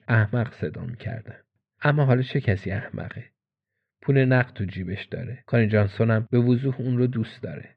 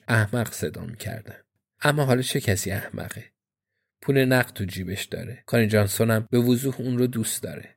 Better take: second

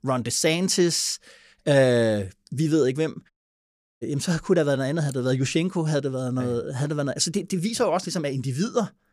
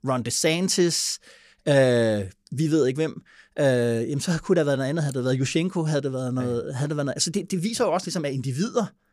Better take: second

